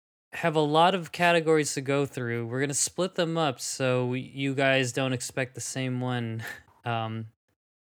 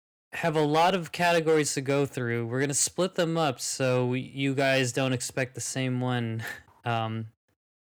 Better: first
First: none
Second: distortion; slight; 3% of the sound clipped

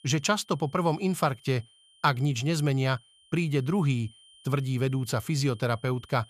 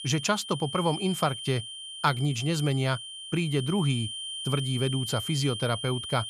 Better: first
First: high-pitched whine; faint; throughout; 3 kHz, 25 dB below the speech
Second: high-pitched whine; loud; throughout; 3 kHz, 7 dB below the speech

